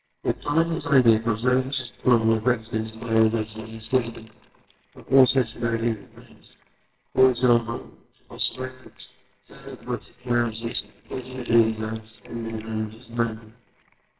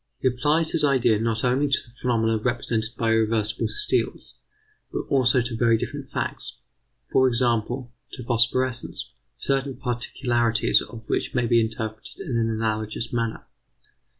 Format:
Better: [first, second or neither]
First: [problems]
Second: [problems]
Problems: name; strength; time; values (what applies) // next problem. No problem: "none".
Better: second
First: noise reduction (neural separator model SepFormer WHAMR!)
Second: none